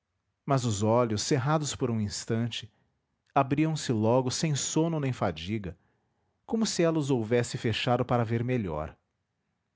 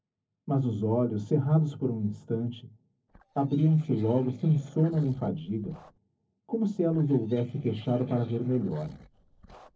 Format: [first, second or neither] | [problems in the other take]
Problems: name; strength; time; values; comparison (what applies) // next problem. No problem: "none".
first | noise reduction (neural separator model SepFormer DNS4)